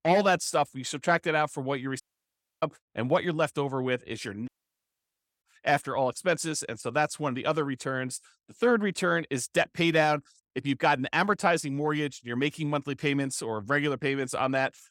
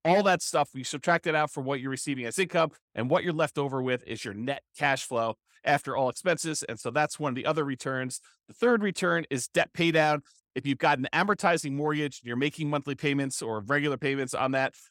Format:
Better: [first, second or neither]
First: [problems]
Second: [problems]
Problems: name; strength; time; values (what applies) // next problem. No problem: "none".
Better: second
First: audio cutting out; at 2 s for 0.5 s and at 4.5 s for 1 s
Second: none